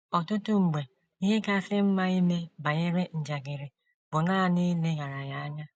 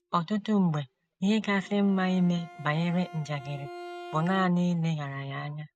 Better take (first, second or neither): first